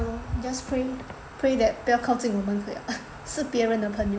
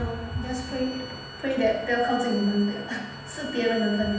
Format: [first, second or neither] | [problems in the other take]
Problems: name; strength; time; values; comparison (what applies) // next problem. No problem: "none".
first | background sound (Bowed string instrument); 14 dB below the speech // room echo; dies away in 0.9 s